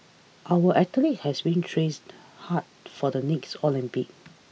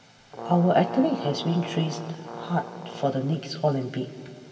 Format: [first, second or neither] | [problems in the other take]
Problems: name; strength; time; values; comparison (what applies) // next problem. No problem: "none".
first | background sound (Brass instrument); 12 dB below the speech // room echo; dies away in 1.9 s